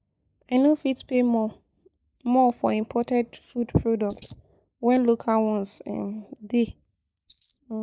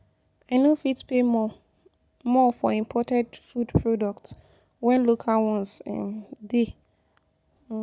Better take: second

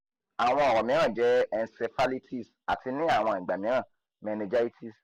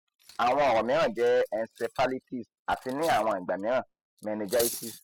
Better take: first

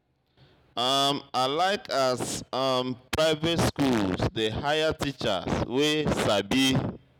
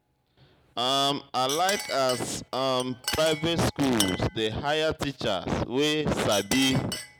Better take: first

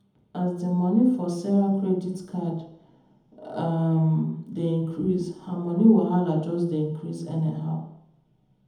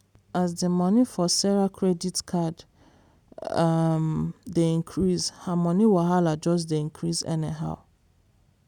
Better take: second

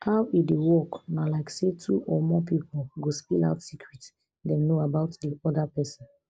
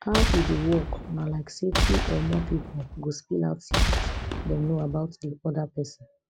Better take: first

